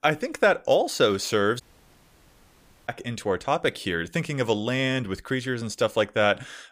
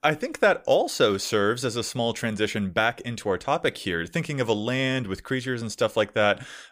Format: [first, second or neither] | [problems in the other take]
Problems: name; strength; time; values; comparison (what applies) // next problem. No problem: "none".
second | audio cutting out; at 1.5 s for 1.5 s